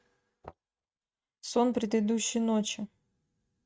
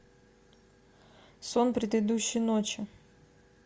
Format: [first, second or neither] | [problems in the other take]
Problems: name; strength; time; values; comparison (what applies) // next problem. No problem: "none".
second | noise reduction (neural mask model RNNoise)